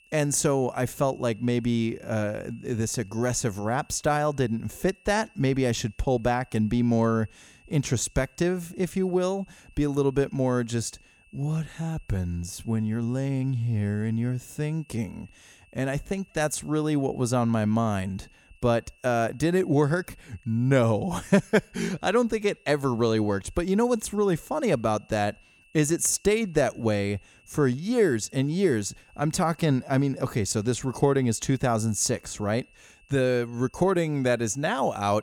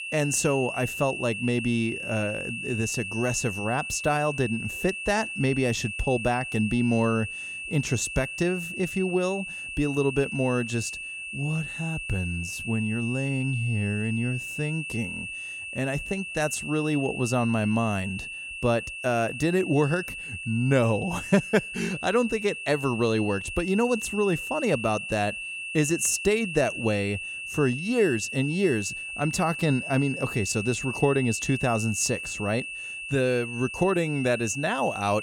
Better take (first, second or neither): first